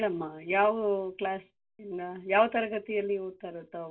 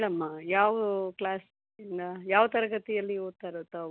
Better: second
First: room echo; dies away in 0.1 s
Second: none

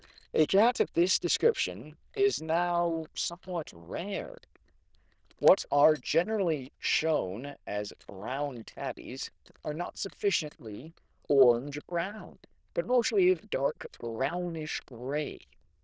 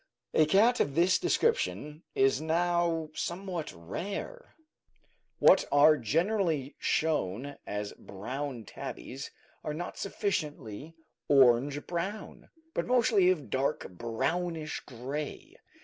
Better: second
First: noise reduction (neural diffusion model UNIVERSE++)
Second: none

